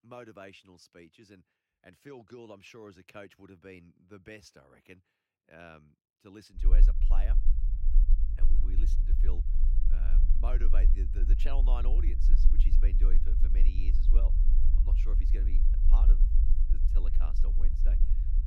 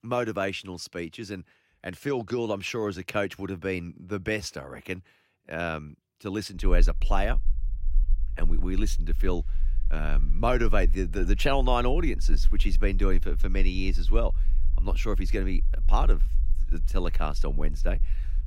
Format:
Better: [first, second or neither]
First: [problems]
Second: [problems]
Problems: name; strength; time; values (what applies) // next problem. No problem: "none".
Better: second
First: low rumble; loud; from 6.5 s on; 4 dB below the speech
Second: low rumble; faint; from 6.5 s on; 25 dB below the speech